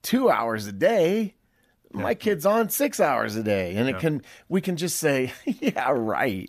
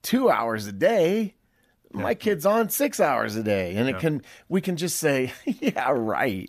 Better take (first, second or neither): neither